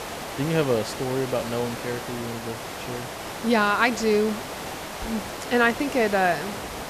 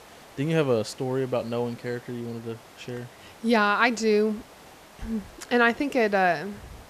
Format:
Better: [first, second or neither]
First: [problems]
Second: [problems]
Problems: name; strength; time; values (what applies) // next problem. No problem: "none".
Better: second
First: hiss; loud; throughout; 9 dB below the speech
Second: hiss; faint; throughout; 25 dB below the speech